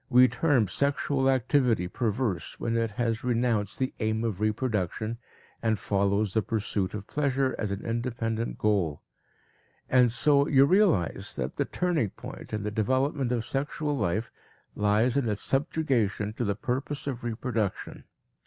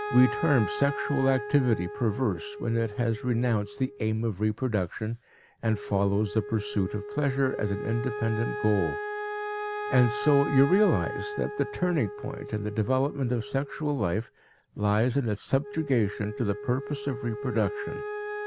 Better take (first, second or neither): first